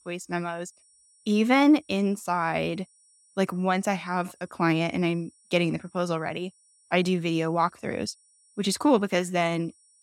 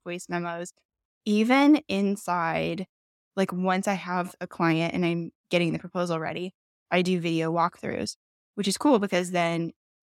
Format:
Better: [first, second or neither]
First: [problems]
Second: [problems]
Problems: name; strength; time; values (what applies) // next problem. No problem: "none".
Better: second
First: high-pitched whine; faint; throughout; 9 kHz, 30 dB below the speech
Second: none